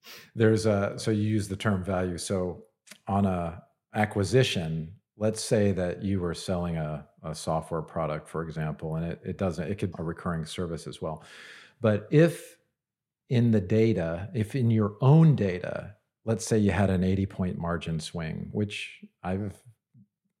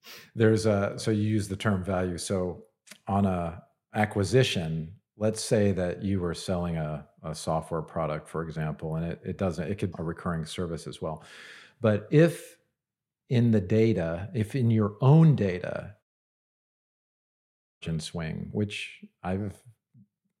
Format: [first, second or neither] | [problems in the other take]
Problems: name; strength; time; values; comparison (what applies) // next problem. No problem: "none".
first | audio cutting out; at 16 s for 2 s